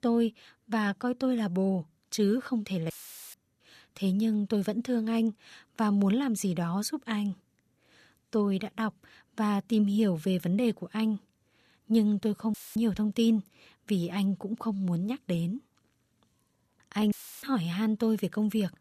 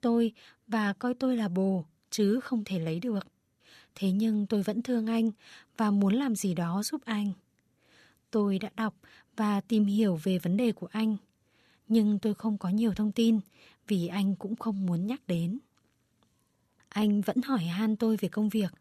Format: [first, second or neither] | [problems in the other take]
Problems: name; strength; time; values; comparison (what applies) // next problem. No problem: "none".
second | audio cutting out; filled with static; at 3 s, at 13 s and at 17 s